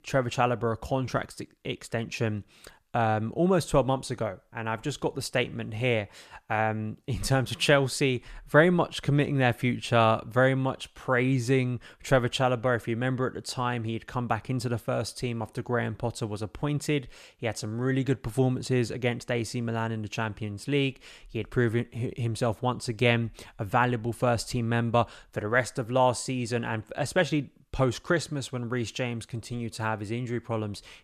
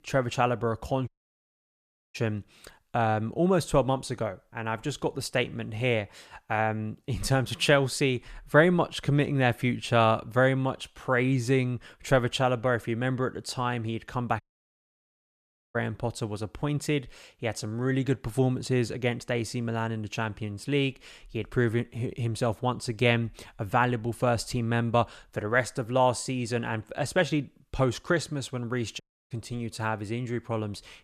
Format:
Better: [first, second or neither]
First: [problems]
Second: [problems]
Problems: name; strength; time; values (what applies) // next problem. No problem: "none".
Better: first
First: none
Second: audio cutting out; at 1 s for 1 s, at 14 s for 1.5 s and at 29 s